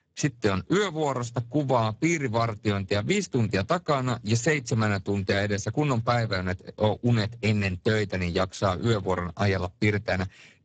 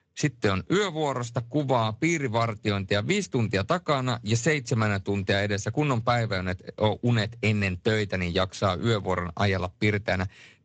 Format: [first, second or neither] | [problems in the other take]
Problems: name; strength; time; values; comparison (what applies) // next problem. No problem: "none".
second | garbled, watery; badly; nothing above 7.5 kHz; slightly in the second